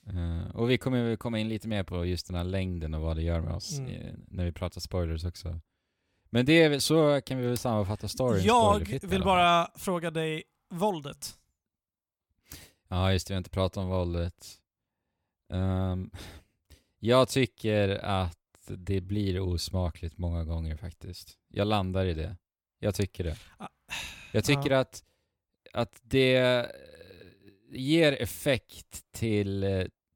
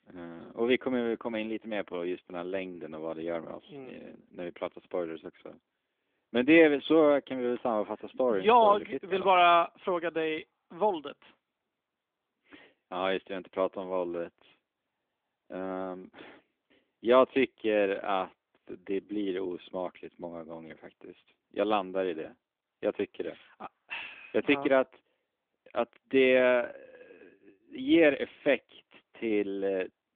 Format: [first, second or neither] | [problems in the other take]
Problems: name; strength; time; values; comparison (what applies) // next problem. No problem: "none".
first | phone-call audio; nothing above 3.5 kHz